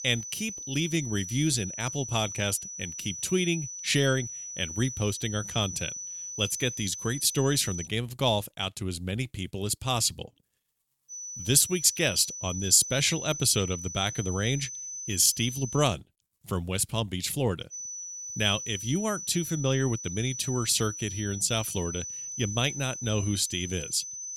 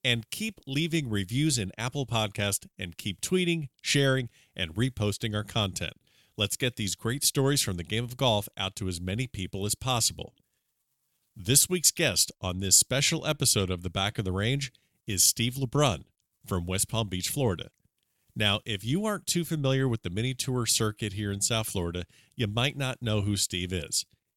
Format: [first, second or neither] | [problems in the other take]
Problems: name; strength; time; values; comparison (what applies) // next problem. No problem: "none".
second | high-pitched whine; loud; until 8 s, from 11 to 16 s and from 18 s on; 6 kHz, 8 dB below the speech